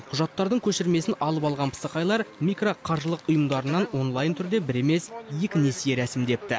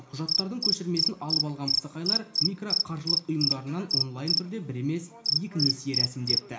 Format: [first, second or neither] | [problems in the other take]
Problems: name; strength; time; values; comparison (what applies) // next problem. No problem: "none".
first | background sound (Cricket); 3 dB above the speech // room echo; dies away in 0.4 s